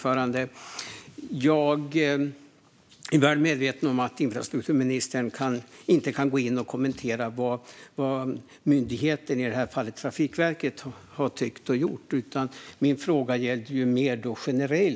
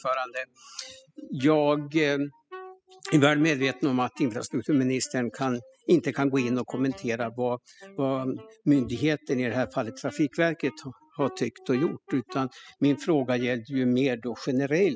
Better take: first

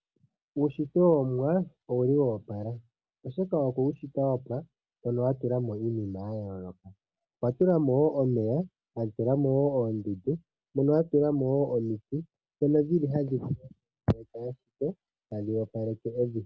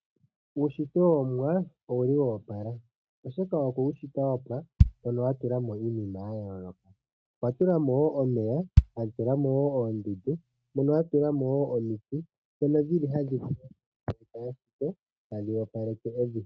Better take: first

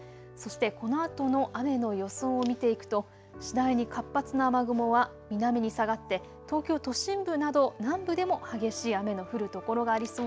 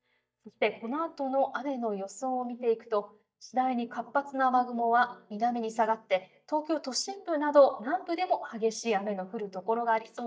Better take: first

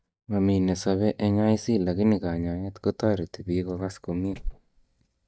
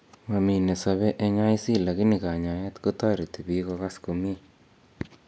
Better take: second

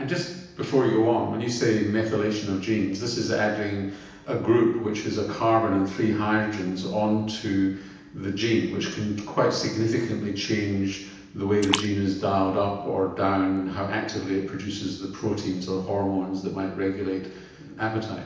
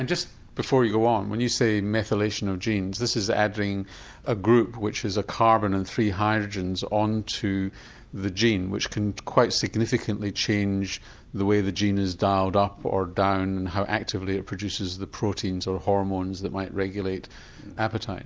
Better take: second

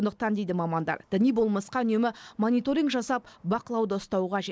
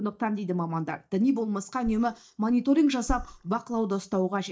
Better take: first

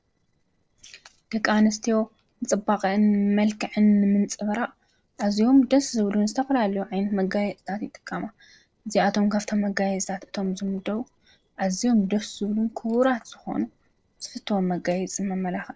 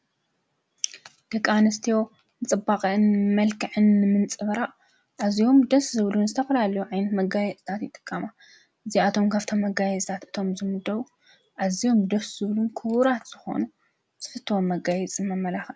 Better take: second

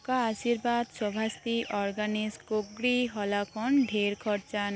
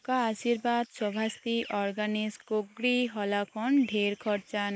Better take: first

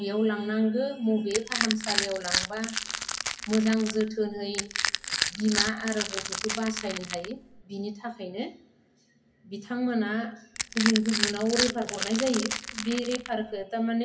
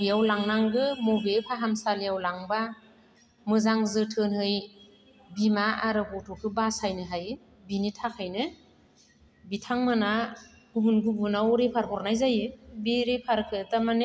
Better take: second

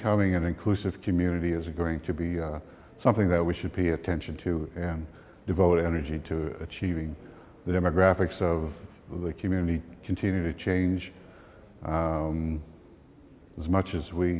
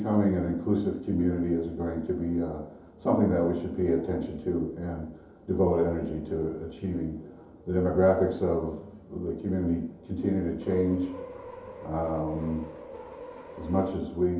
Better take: first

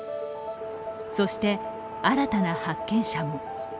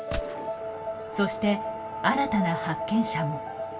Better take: first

